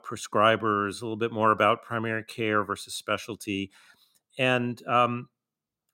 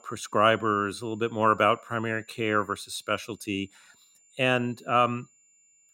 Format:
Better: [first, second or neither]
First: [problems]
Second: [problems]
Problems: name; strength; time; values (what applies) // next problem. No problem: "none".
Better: first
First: none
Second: high-pitched whine; faint; throughout; 7 kHz, 30 dB below the speech